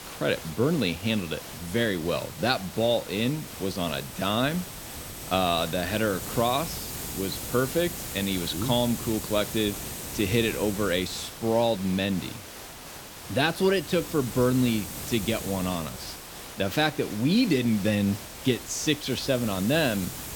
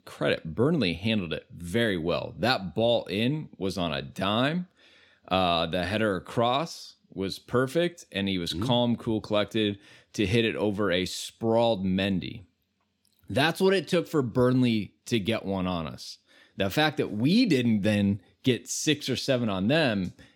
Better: second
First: hiss; loud; throughout; 10 dB below the speech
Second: none

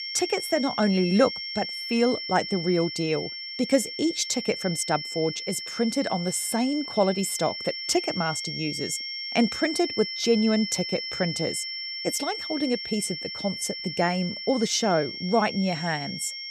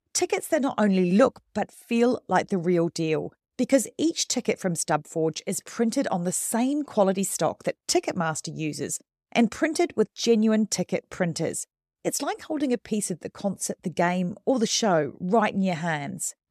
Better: second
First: high-pitched whine; loud; throughout; 5.5 kHz, 5 dB below the speech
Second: none

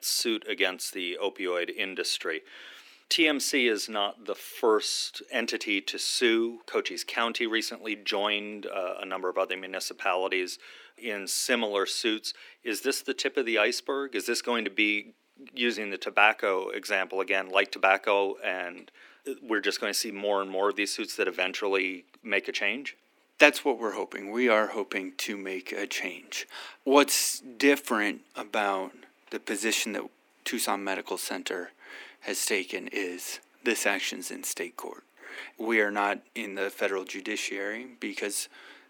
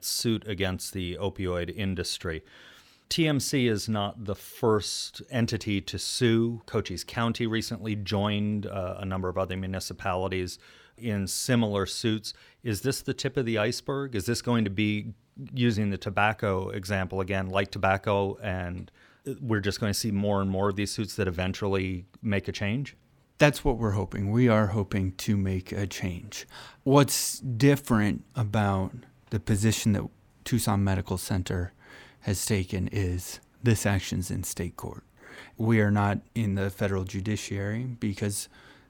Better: second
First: thin; somewhat; fading below 300 Hz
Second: none

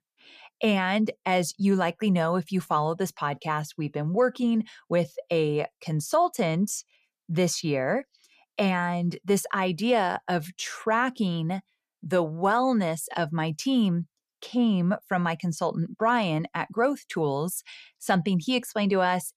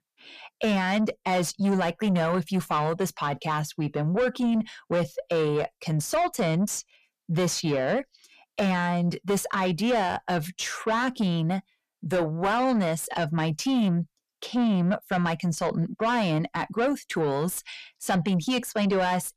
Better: first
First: none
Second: distortion; slight; 10 dB below the speech

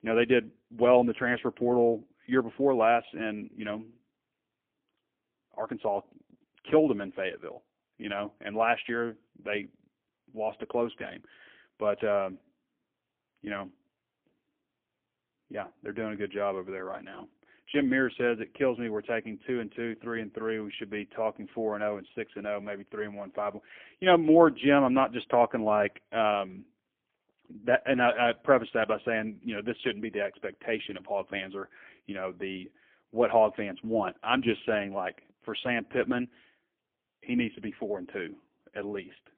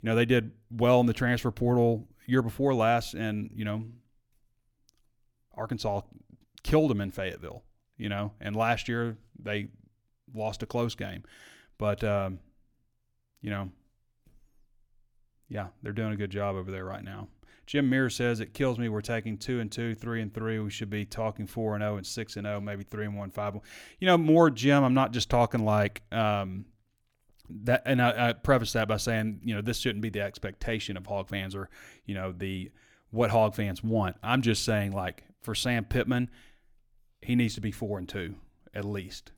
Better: second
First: phone-call audio; poor line; nothing above 3.5 kHz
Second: none

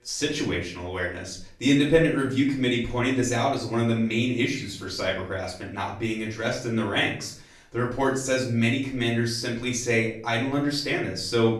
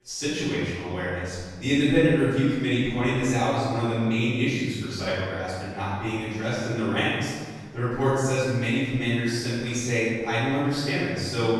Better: first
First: room echo; slight; dies away in 0.4 s // off-mic speech; far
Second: room echo; strong; dies away in 1.7 s // off-mic speech; far

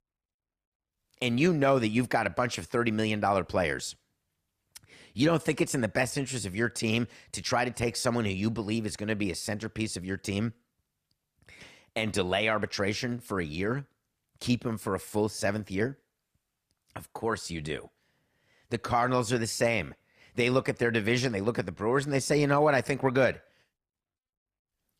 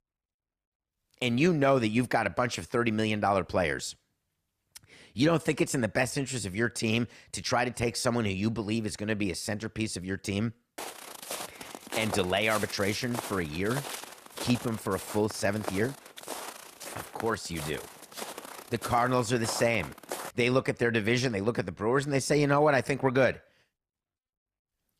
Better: first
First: none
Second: footsteps; noticeable; from 11 to 20 s; peak 7 dB below the speech

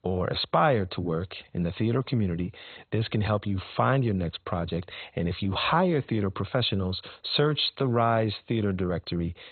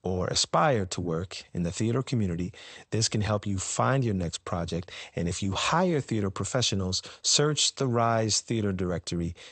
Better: second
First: garbled, watery; badly; nothing above 4 kHz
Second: garbled, watery; slightly; nothing above 8 kHz

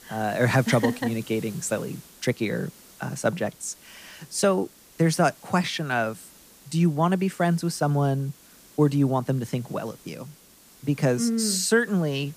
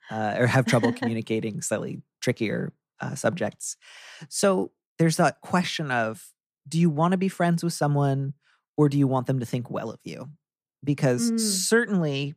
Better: second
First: hiss; faint; throughout; 25 dB below the speech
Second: none

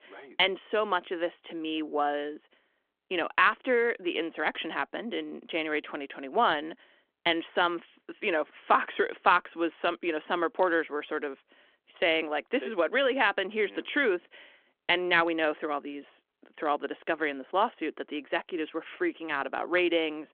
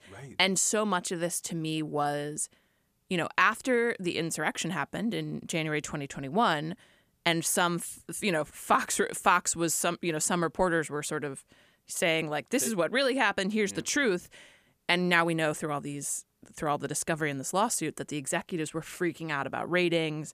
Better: second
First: phone-call audio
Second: none

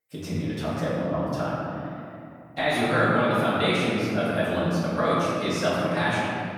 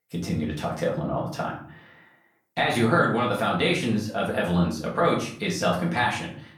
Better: second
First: room echo; strong; dies away in 2.6 s // off-mic speech; far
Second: room echo; slight; dies away in 0.5 s // off-mic speech; far

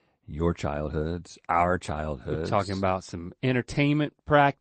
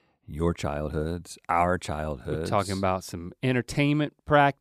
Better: second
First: garbled, watery; slightly; nothing above 8 kHz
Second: none

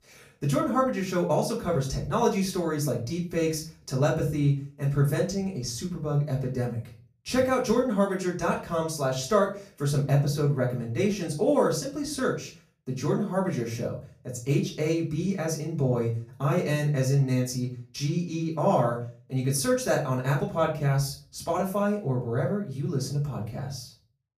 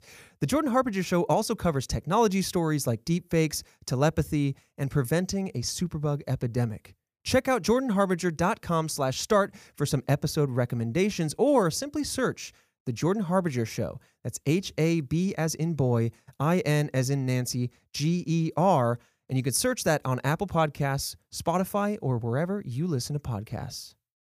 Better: second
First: room echo; slight; dies away in 0.3 s // off-mic speech; far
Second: none

